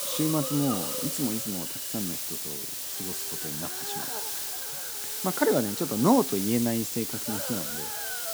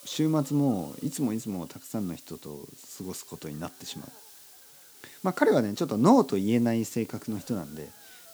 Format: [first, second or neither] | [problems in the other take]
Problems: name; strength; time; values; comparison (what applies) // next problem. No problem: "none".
second | hiss; loud; throughout; 1 dB below the speech; faint in the second